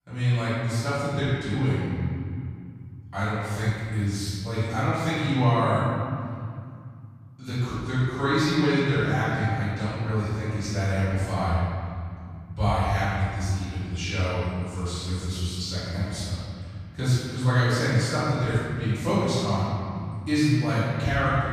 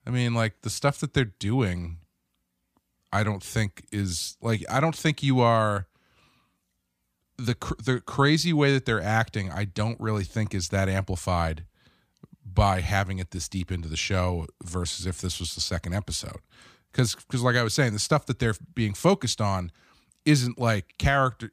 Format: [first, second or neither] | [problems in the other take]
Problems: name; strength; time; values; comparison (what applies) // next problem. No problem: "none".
second | room echo; strong; dies away in 2.5 s // off-mic speech; far